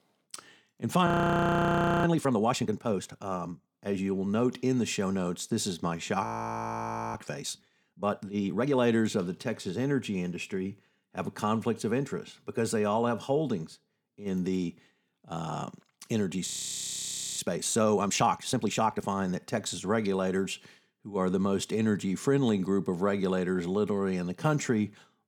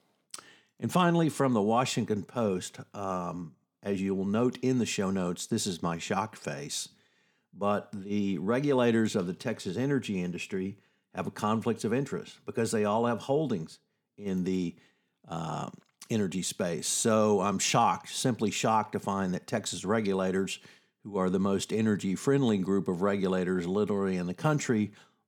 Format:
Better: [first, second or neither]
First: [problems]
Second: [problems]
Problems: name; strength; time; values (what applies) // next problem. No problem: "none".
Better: second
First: audio freezing; at 1 s for 1 s, at 6 s for 1 s and at 16 s for 1 s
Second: none